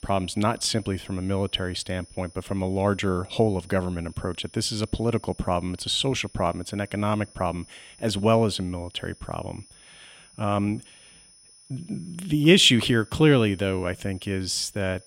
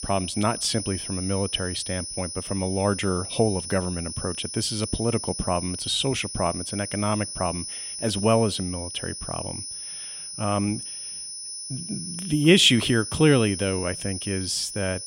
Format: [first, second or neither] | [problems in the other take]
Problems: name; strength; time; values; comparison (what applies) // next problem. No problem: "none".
first | high-pitched whine; loud; throughout; 9.5 kHz, 7 dB below the speech; faint in the first